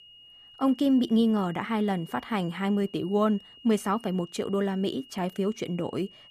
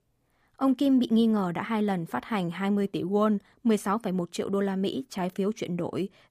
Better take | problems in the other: second | high-pitched whine; faint; throughout; 3 kHz, 20 dB below the speech

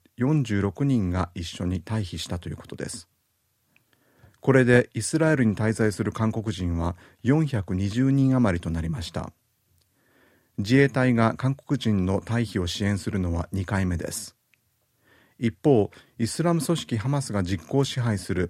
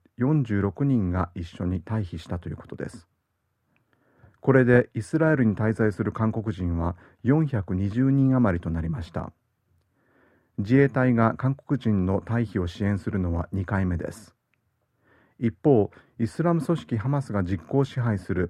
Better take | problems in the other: first | muffled; slightly; fading above 2.5 kHz

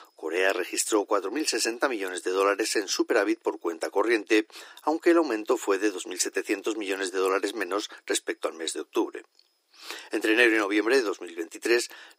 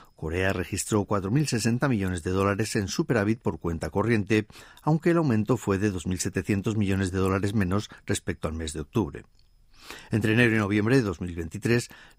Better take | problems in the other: second | thin; very; fading below 300 Hz

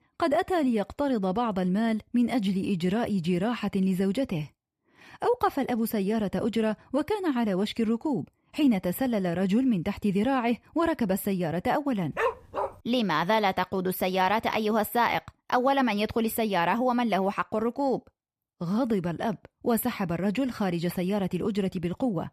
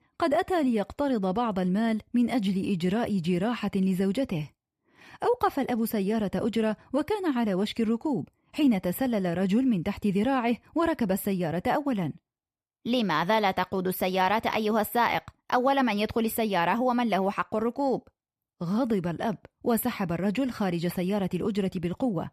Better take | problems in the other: second | dog barking; noticeable; at 12 s; peak 2 dB below the speech

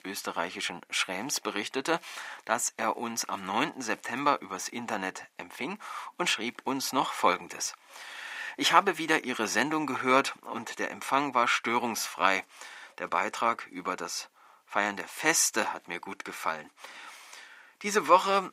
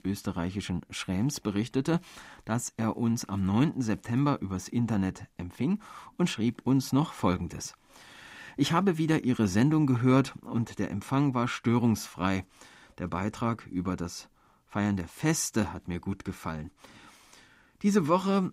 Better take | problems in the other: second | thin; very; fading below 650 Hz

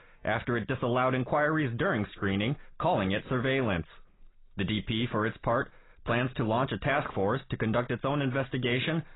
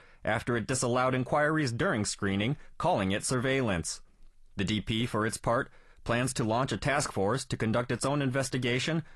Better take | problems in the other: second | garbled, watery; badly; nothing above 4 kHz; slightly in the second

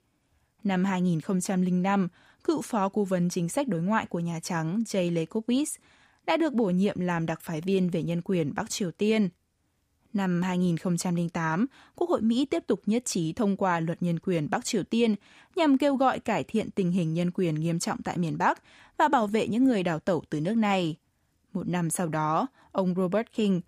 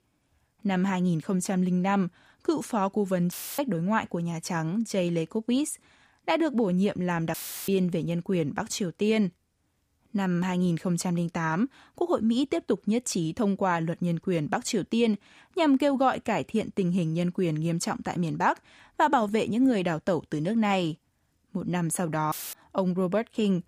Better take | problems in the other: first | audio cutting out; filled with static; at 3.5 s, at 7.5 s and at 22 s

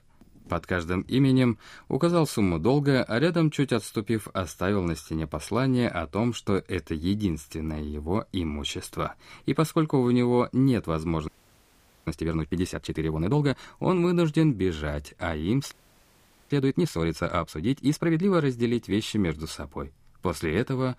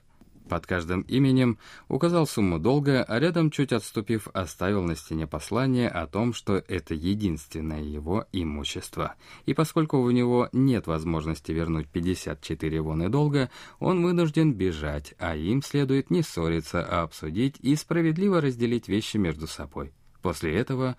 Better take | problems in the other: second | audio freezing; at 11 s for 1 s and at 16 s for 1 s

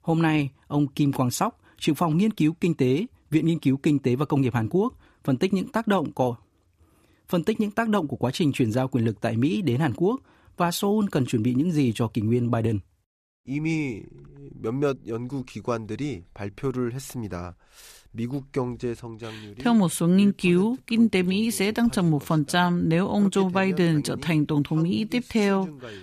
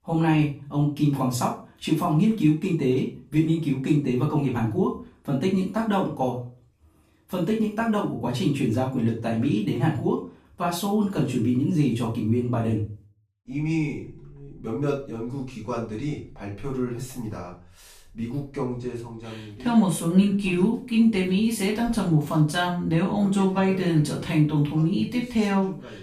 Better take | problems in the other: first | off-mic speech; far // room echo; slight; dies away in 0.3 s

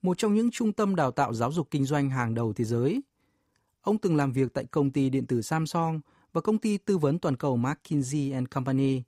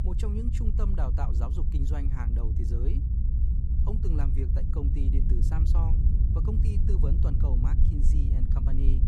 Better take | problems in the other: first | low rumble; loud; throughout; 1 dB below the speech

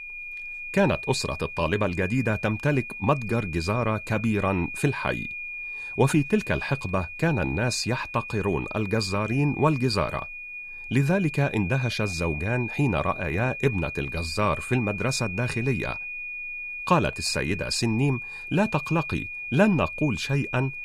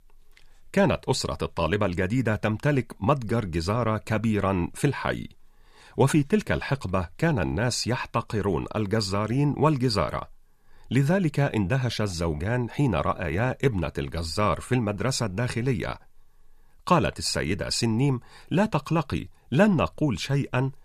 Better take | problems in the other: second | high-pitched whine; loud; throughout; 2.5 kHz, 8 dB below the speech

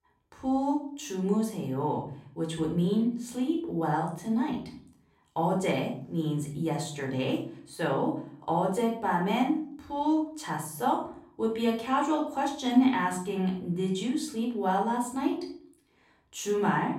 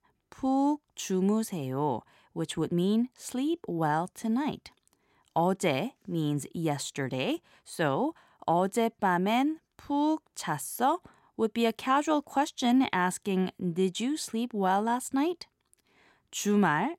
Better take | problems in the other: second | off-mic speech; somewhat distant // room echo; noticeable; dies away in 0.5 s

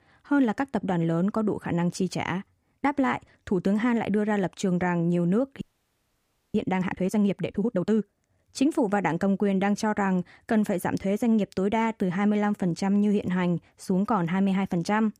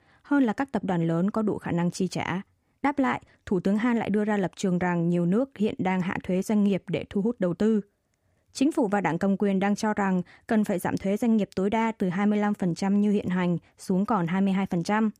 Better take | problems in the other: second | audio freezing; at 5.5 s for 1 s

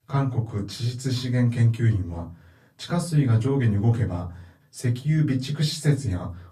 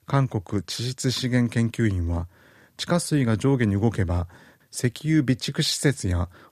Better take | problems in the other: second | off-mic speech; far // room echo; very slight; dies away in 0.2 s

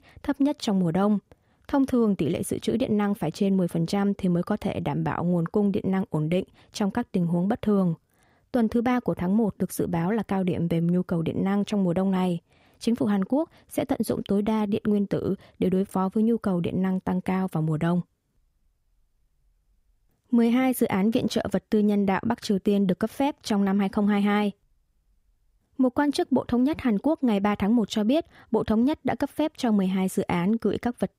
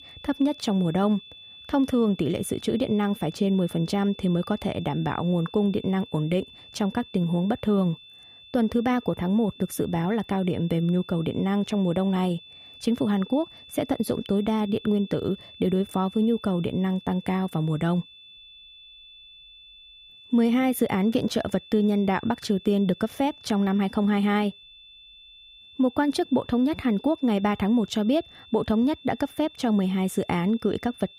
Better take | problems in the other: first | high-pitched whine; faint; throughout; 3.5 kHz, 20 dB below the speech

